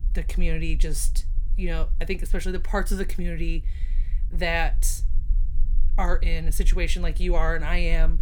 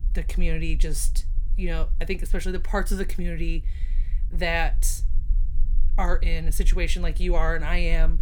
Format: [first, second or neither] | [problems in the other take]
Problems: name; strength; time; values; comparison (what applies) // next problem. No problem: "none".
neither | low rumble; faint; throughout; 25 dB below the speech; the same in both